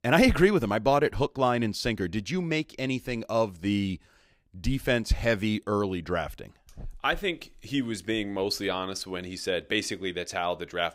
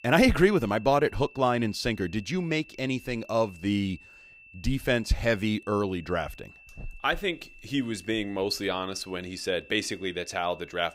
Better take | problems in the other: first | high-pitched whine; faint; throughout; 2.5 kHz, 20 dB below the speech

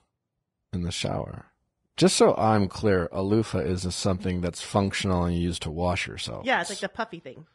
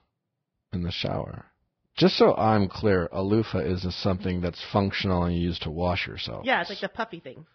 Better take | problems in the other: first | garbled, watery; badly; nothing above 5 kHz; slightly in the first

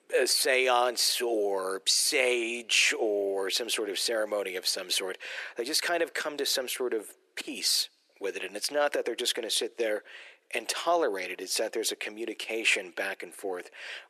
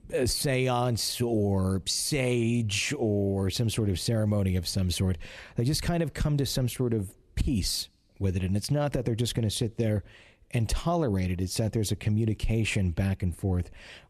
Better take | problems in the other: second | thin; very; fading below 400 Hz

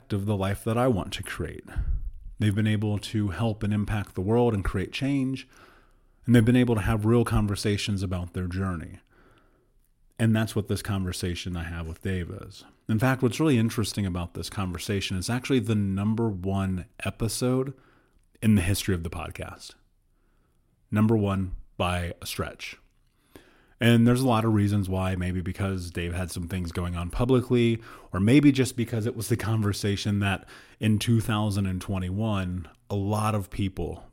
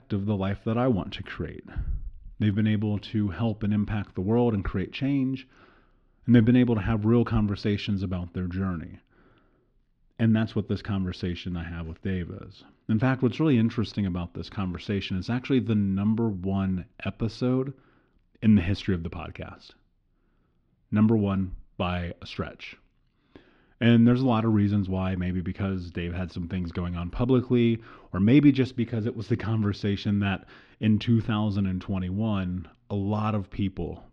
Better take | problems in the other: first | muffled; very slightly; fading above 4.5 kHz

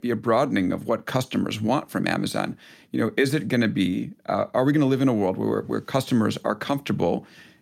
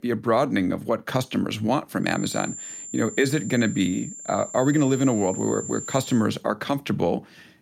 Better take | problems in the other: first | high-pitched whine; noticeable; from 2 to 6 s; 7 kHz, 10 dB below the speech

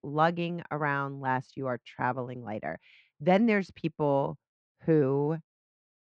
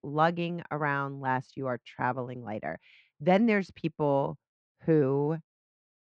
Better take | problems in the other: neither | muffled; very; fading above 2 kHz; the same in both

